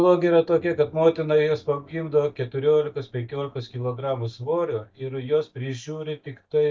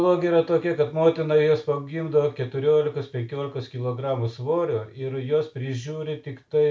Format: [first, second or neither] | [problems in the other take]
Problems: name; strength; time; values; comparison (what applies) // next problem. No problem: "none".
second | noise reduction (neural mask model DeepFilterNet 3)